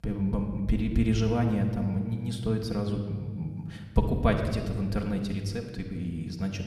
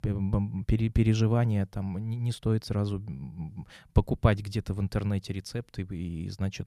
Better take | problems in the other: second | room echo; slight; dies away in 1.3 s // off-mic speech; somewhat distant

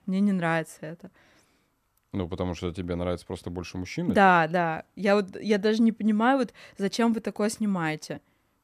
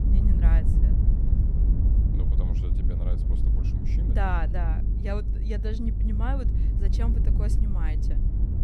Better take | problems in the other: first | low rumble; loud; throughout; 4 dB below the speech

